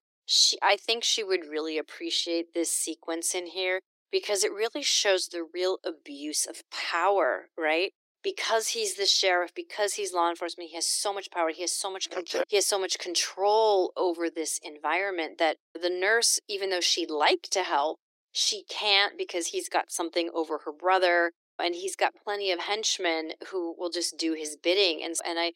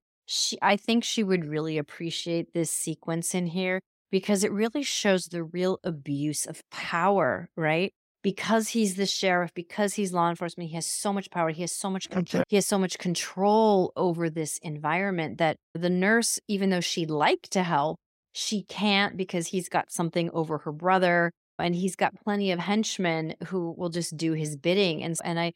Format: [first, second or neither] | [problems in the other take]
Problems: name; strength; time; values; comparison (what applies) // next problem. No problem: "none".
second | thin; very; fading below 300 Hz